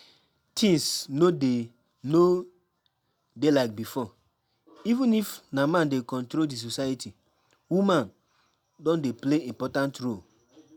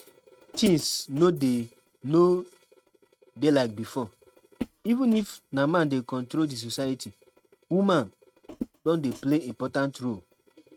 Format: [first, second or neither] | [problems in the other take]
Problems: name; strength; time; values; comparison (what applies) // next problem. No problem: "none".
first | noise reduction (neural mask model RNNoise)